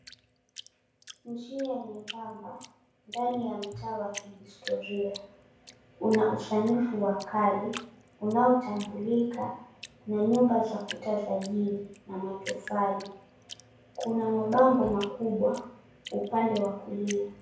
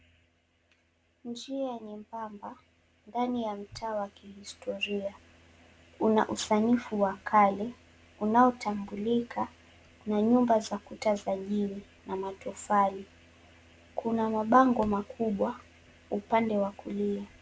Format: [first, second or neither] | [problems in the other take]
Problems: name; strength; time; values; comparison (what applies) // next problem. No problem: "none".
second | background sound (Drip); 19 dB below the speech // room echo; dies away in 0.6 s